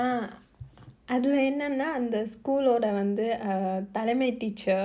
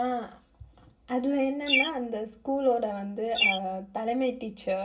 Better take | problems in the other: first | background sound (Bird); 2 dB below the speech // room echo; dies away in 0.2 s

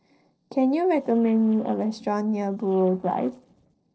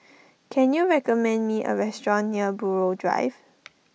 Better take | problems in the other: second | noise reduction (neural separator model SepFormer DNS4)

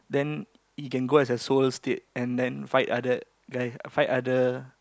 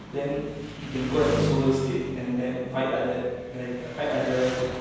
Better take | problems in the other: first | background sound (Engine); 7 dB below the speech // room echo; dies away in 1.2 s

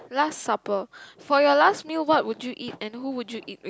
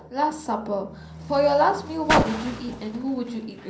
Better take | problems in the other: first | background sound (Car); 6 dB below the speech // room echo; dies away in 0.6 s

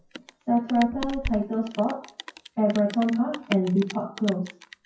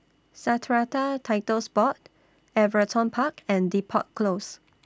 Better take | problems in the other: second | noise reduction (classical method WPE with log-MMSE)

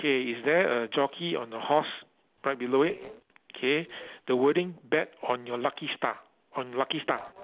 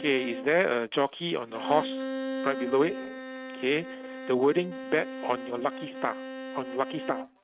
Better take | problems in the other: first | noise reduction (neural mask model RNNoise)

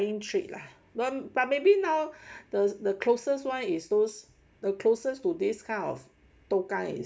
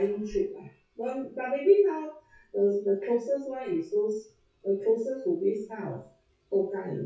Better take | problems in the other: first | noise reduction (classical method WPE with log-MMSE)

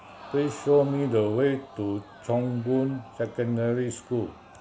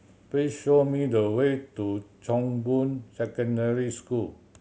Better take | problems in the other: second | background sound (Crowd); 19 dB below the speech

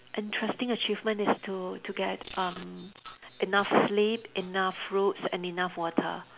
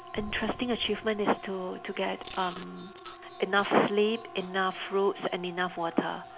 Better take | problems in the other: first | background sound (Siren + Drum); 16 dB below the speech

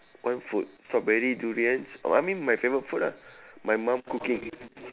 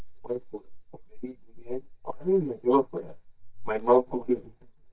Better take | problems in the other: first | noise reduction (neural mask model DeepFilterNet 3)

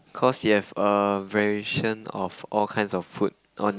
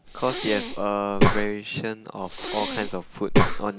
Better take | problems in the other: first | background sound (Breathing); 5 dB above the speech

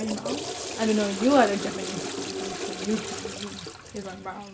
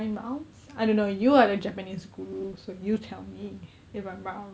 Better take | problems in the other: second | background sound (Toilet flush / Water); 6 dB below the speech

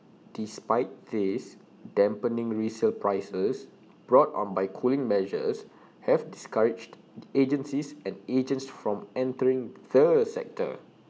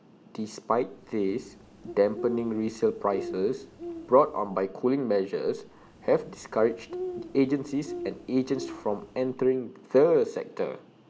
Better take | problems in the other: first | background sound (Bird); 13 dB below the speech

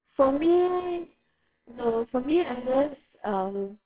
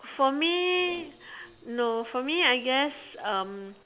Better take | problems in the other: second | noise reduction (neural separator model SepFormer WHAMR!)

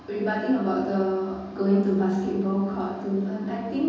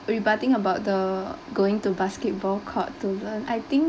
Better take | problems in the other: second | room echo; dies away in 1.3 s

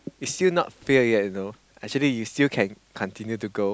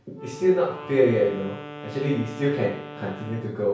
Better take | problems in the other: first | background sound (Wind instrument, woodwind instrument); 14 dB below the speech // room echo; dies away in 0.6 s

